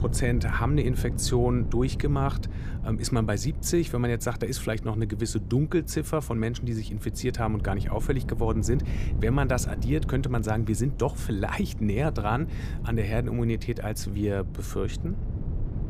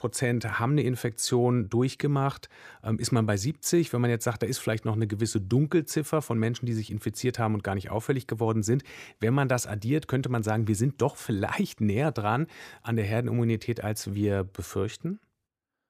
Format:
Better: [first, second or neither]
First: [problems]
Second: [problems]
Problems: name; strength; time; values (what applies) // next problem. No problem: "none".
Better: second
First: wind noise on the microphone; occasional gusts; 15 dB below the speech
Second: none